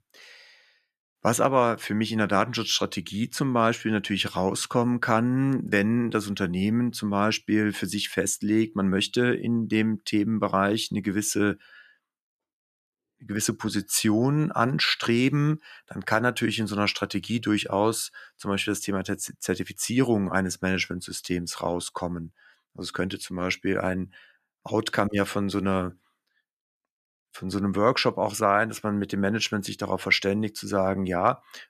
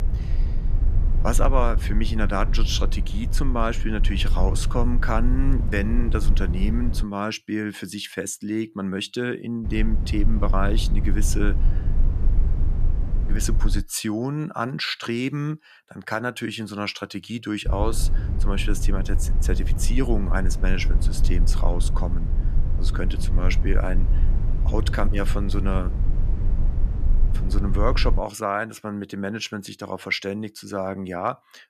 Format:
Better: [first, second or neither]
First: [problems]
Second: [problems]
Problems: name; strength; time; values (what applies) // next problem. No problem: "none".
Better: first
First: none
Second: low rumble; noticeable; until 7 s, from 9.5 to 14 s and from 18 to 28 s; 15 dB below the speech